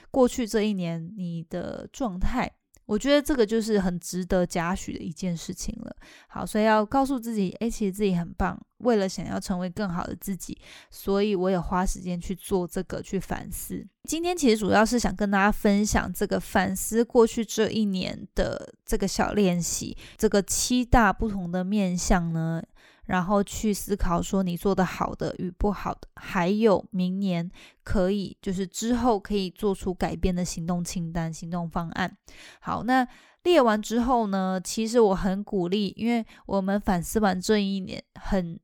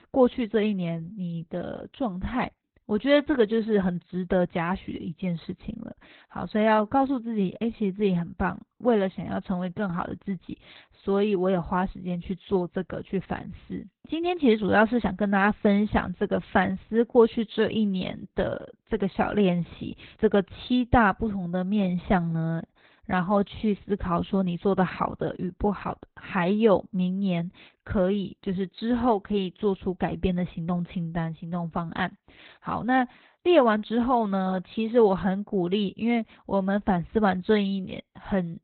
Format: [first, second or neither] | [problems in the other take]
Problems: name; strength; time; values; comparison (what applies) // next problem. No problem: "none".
first | garbled, watery; badly; nothing above 4 kHz